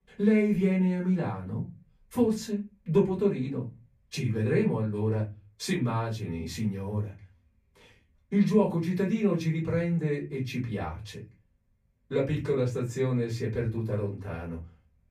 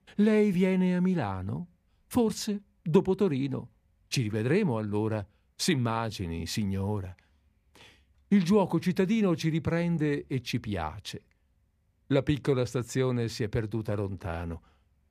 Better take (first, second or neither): second